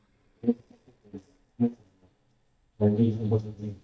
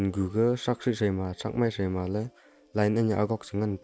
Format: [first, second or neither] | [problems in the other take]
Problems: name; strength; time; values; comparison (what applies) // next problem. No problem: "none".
second | noise reduction (neural mask model DeepFilterNet 3)